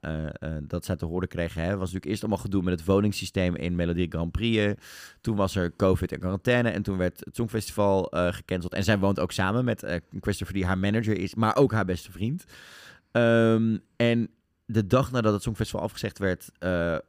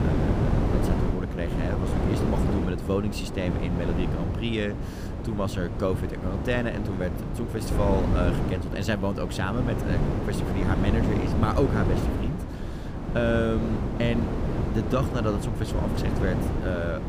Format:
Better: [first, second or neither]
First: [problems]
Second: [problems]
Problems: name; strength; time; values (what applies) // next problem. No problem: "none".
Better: first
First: none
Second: wind noise on the microphone; heavy; 2 dB below the speech